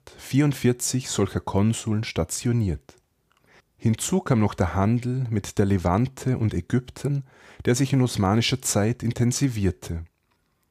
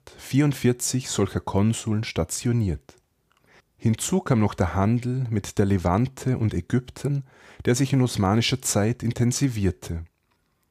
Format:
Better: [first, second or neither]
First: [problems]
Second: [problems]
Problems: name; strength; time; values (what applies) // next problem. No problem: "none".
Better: neither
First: none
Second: none